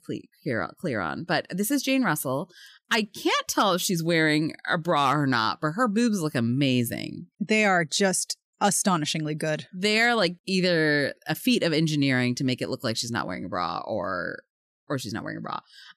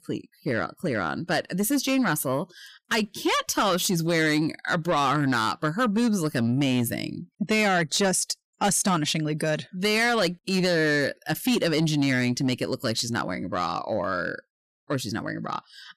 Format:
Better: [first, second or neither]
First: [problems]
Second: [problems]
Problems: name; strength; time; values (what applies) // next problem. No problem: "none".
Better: first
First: none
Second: distortion; slight; 10 dB below the speech